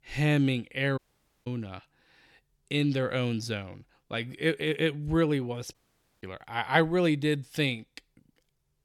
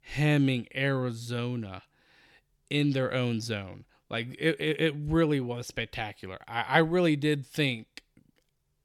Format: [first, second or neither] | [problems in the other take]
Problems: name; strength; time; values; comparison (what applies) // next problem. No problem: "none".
second | audio cutting out; at 1 s and at 5.5 s